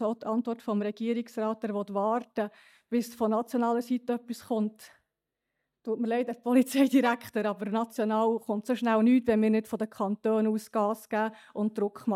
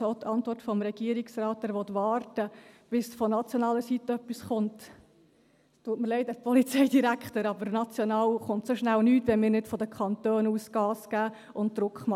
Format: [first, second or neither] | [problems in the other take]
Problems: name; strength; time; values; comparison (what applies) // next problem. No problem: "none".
second | noise reduction (neural mask model DeepFilterNet 3)